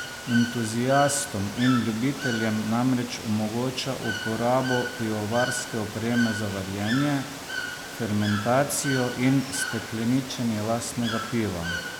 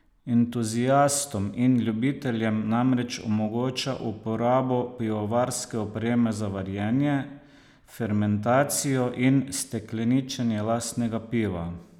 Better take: second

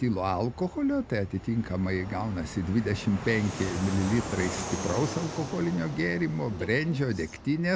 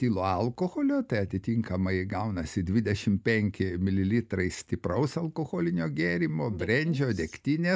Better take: second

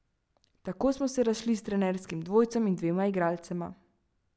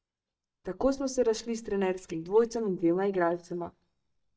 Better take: first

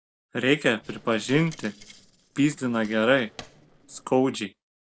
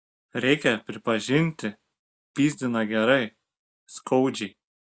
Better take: second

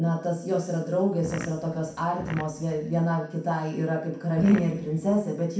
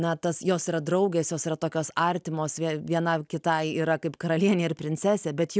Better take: second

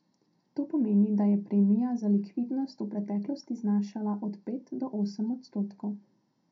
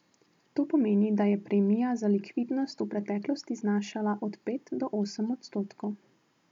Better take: second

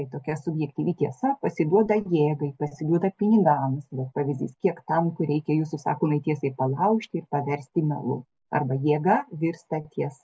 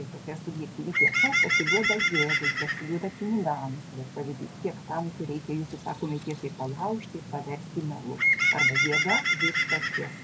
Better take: first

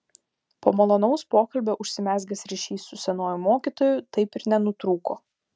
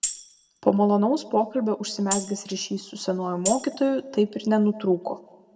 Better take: first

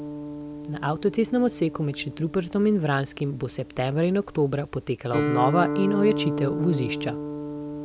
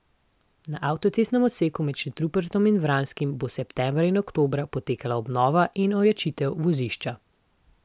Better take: second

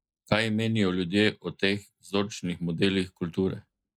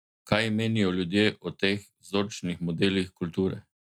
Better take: second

